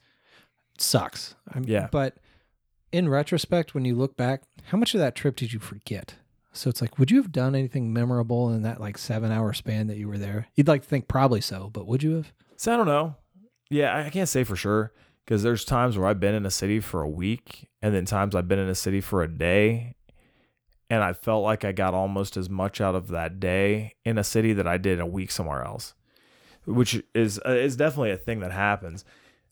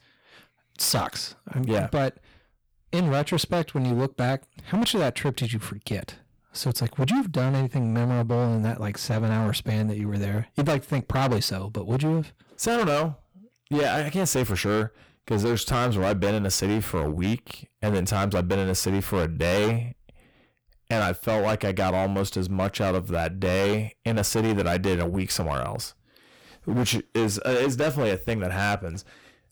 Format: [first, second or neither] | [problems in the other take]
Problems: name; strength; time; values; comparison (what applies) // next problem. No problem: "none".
first | distortion; heavy; 17% of the sound clipped